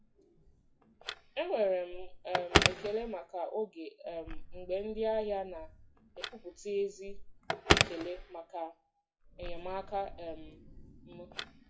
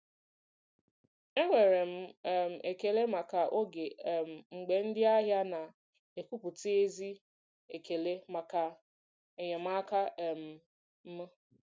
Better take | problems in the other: second | noise reduction (classical method WPE with log-MMSE)

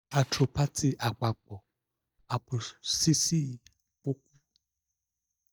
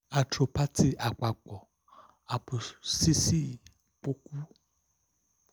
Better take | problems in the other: second | noise reduction (neural mask model DeepFilterNet 3)

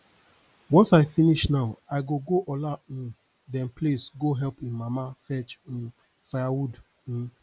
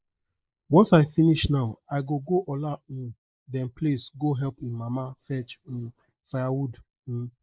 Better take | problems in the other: first | noise reduction (neural mask model Resemble Enhance denoiser)

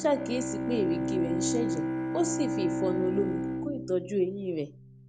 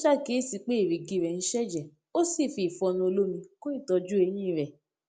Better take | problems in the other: second | background sound (Bowed string instrument); 1 dB below the speech

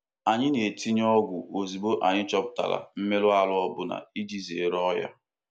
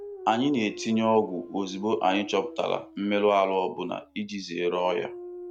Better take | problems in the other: first | background sound (Dog); 16 dB below the speech

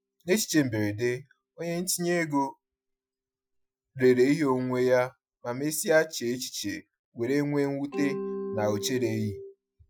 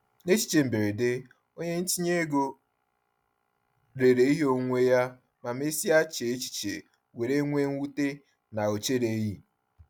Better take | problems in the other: second | noise reduction (classical method Wiener filter)

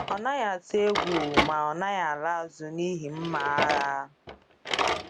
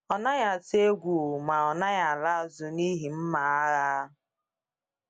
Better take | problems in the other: second | background sound (Drawer open or close); 3 dB below the speech

